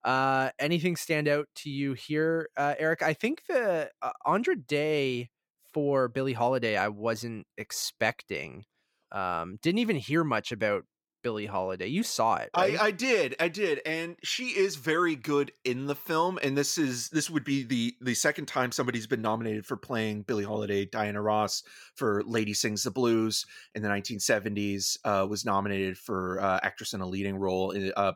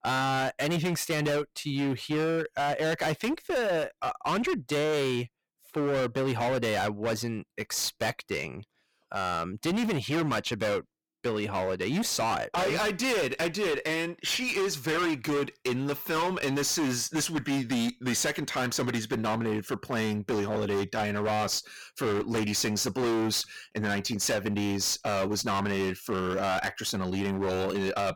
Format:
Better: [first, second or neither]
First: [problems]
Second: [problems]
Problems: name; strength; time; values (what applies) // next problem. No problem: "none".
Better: first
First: none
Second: distortion; heavy; 25% of the sound clipped